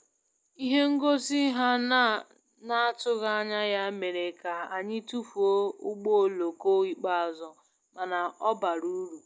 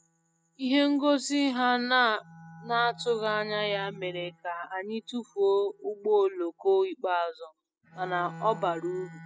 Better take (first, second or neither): first